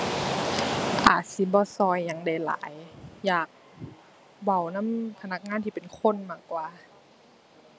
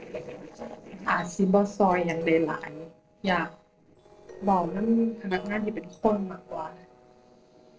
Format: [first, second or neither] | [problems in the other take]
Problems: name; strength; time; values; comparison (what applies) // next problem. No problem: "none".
first | noise reduction (neural separator model SepFormer DNS4)